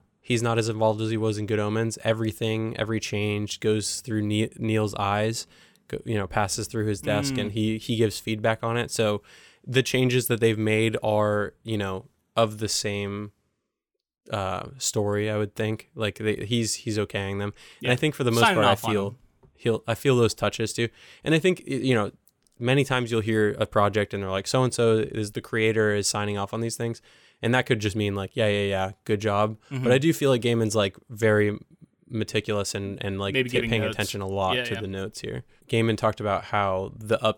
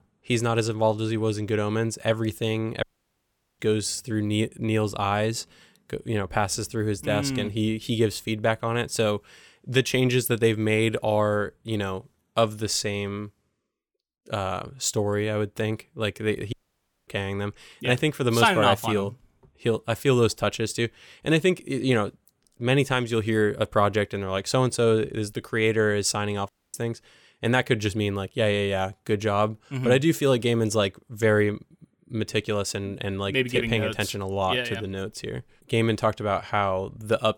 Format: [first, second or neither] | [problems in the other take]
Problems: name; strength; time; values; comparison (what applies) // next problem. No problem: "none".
first | audio cutting out; at 3 s for 1 s, at 17 s for 0.5 s and at 26 s